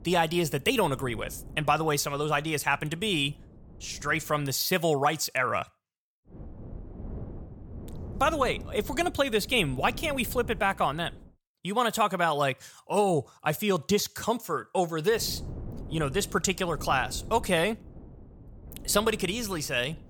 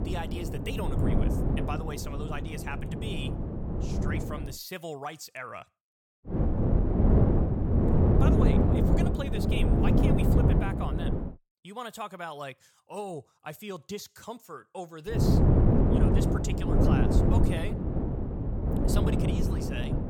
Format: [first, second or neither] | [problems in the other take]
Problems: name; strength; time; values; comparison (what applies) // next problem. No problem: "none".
first | wind noise on the microphone; heavy; until 4.5 s, from 6.5 to 11 s and from 15 s on; 5 dB above the speech; occasional gusts in the first